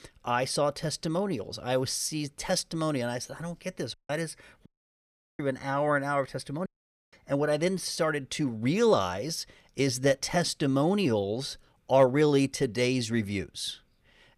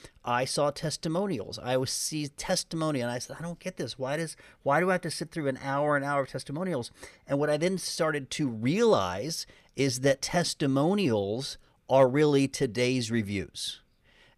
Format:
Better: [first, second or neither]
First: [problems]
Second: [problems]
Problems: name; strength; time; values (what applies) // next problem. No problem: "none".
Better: second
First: audio cutting out; at 4 s, at 4.5 s for 0.5 s and at 6.5 s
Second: none